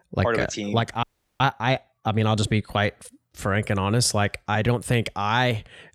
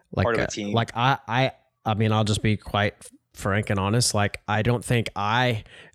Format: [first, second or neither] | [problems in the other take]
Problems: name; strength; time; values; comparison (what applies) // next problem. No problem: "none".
second | audio freezing; at 1 s